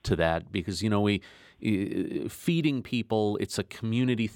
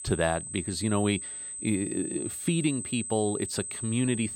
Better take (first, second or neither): first